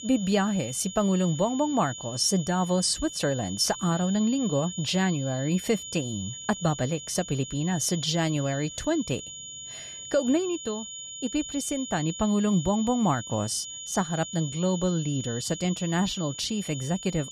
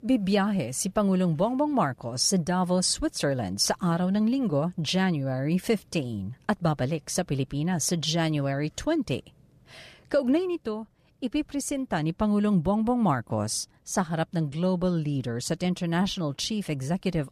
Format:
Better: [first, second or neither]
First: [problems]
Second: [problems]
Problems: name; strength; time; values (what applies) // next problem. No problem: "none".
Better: second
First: high-pitched whine; loud; throughout; 7 kHz, 10 dB below the speech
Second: none